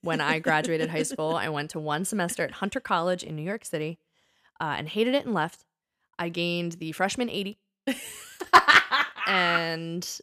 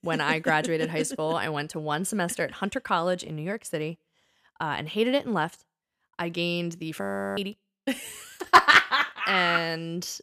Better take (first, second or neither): first